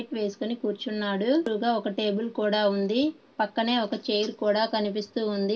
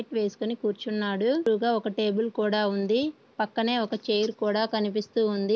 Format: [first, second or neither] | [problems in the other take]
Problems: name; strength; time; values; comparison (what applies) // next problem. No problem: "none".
second | room echo; dies away in 0.2 s